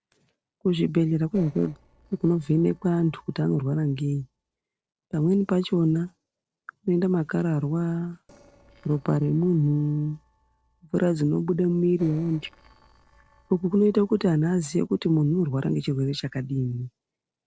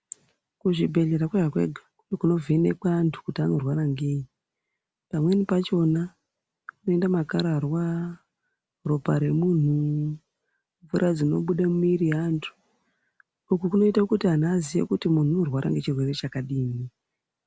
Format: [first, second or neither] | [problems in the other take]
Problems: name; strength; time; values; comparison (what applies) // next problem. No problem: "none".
second | noise reduction (neural separator model SepFormer DNS4)